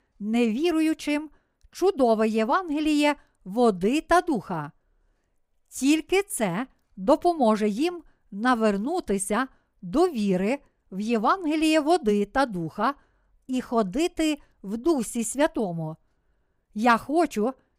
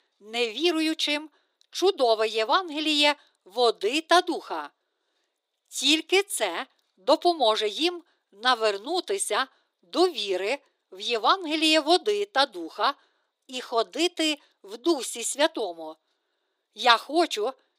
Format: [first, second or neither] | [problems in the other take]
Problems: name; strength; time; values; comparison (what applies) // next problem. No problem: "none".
first | thin; somewhat; fading below 350 Hz